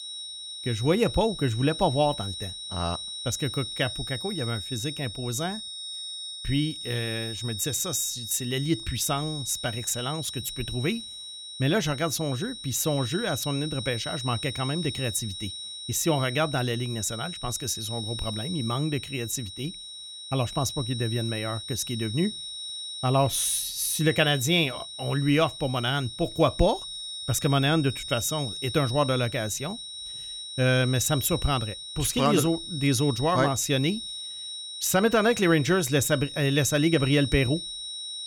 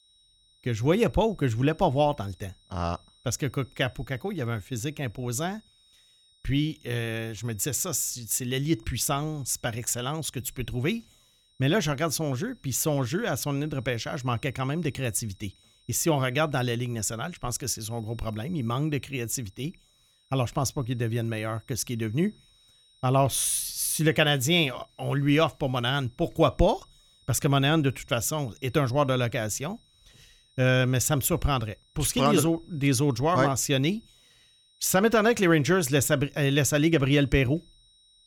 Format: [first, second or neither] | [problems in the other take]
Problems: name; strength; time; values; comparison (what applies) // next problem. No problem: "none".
second | high-pitched whine; loud; throughout; 4 kHz, 8 dB below the speech; faint in the second